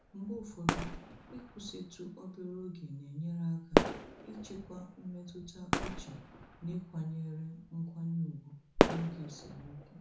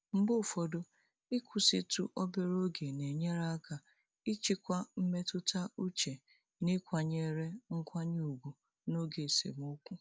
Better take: second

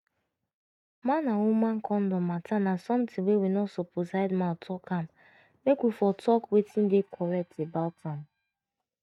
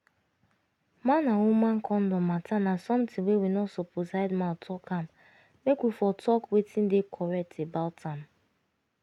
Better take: second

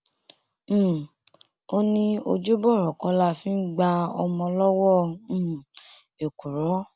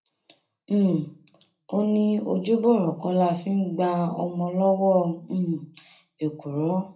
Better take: first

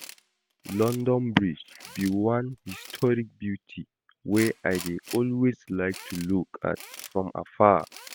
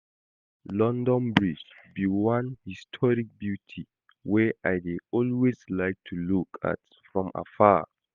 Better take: second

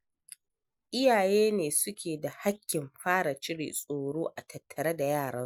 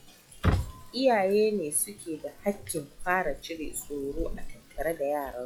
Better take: first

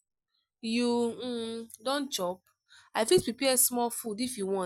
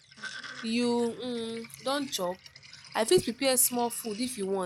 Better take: first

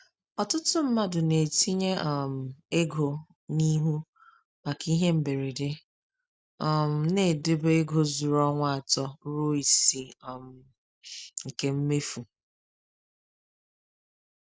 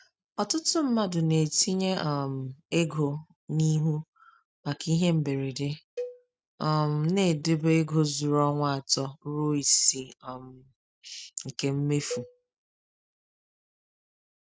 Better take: first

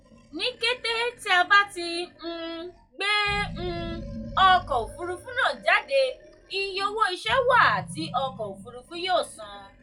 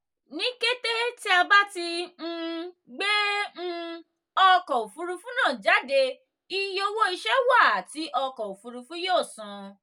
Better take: second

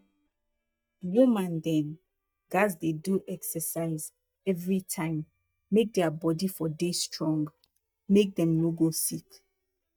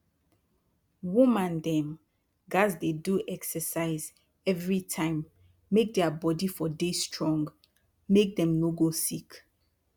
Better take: second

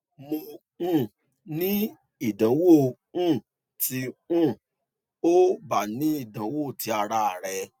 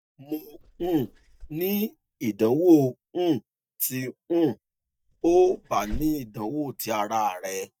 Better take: first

